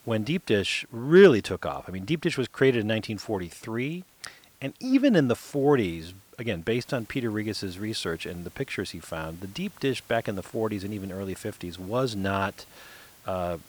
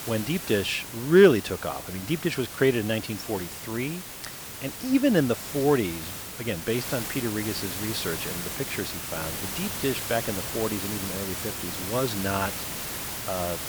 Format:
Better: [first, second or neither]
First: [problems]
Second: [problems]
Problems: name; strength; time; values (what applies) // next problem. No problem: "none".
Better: first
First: hiss; faint; throughout; 25 dB below the speech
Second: hiss; loud; throughout; 6 dB below the speech